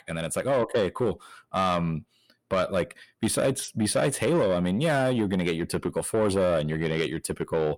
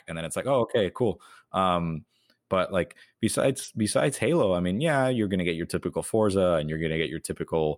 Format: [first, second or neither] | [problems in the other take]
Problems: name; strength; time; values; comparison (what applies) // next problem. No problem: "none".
second | distortion; slight; 10 dB below the speech